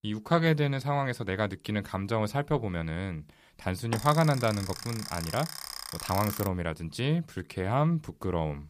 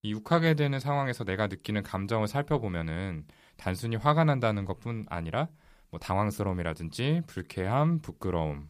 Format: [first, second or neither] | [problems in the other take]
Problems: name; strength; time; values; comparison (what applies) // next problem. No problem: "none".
second | alarm; noticeable; from 4 to 6.5 s; peak 6 dB below the speech